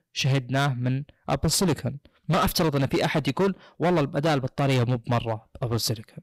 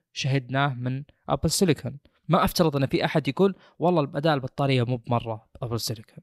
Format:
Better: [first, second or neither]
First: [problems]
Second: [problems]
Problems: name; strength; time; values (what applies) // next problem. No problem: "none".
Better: second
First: distortion; heavy; 14% of the sound clipped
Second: none